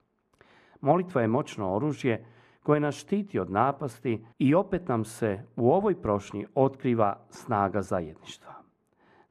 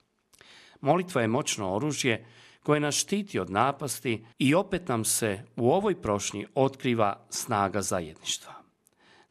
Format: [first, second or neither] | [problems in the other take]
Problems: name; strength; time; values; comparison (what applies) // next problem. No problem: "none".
second | muffled; very; fading above 2.5 kHz